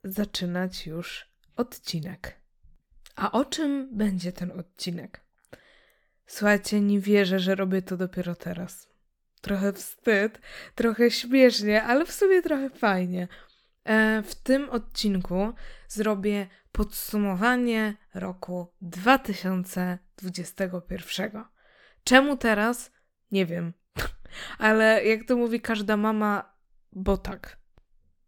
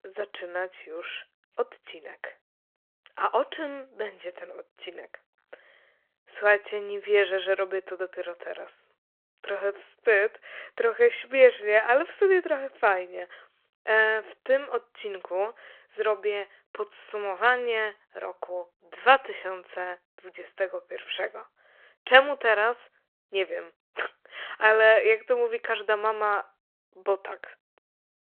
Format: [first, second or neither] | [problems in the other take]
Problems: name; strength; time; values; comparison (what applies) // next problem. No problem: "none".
first | phone-call audio